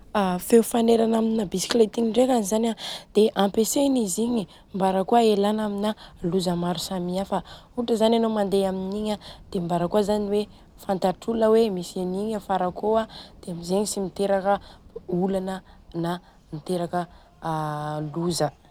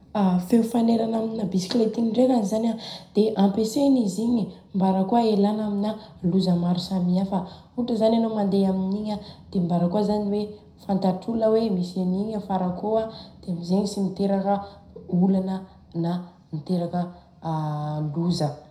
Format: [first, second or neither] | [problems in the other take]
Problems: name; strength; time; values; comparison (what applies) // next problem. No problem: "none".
first | room echo; dies away in 0.4 s